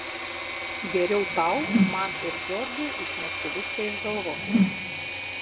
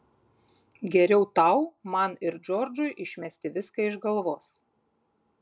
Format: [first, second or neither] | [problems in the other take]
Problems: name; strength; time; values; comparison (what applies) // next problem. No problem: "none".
second | background sound (Engine / Mechanisms + Whoosh, swoosh, swish); 3 dB above the speech